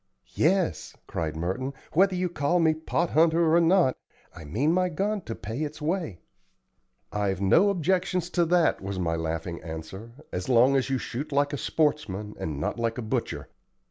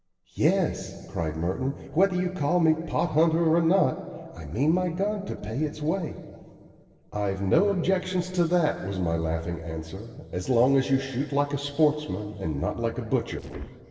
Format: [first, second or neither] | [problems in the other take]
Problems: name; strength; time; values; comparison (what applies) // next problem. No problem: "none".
first | noise reduction (neural separator model SepFormer DNS4)